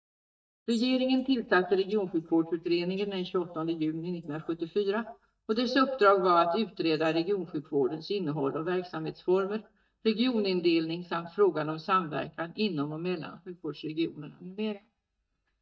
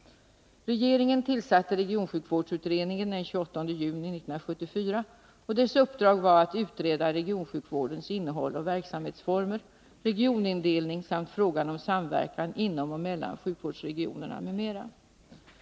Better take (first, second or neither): second